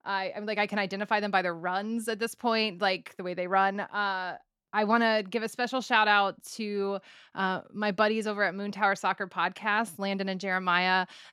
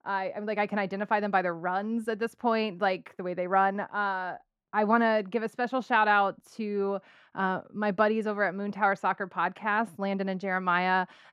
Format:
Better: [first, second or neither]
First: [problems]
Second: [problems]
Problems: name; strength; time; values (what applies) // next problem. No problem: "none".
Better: first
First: none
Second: muffled; slightly; fading above 2.5 kHz